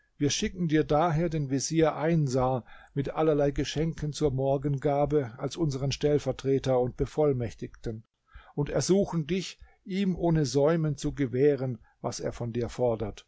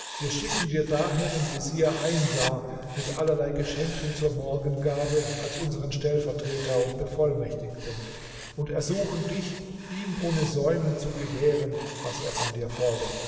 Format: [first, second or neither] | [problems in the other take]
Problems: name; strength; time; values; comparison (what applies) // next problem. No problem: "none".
first | background sound (Writing); 11 dB below the speech // room echo; dies away in 2.8 s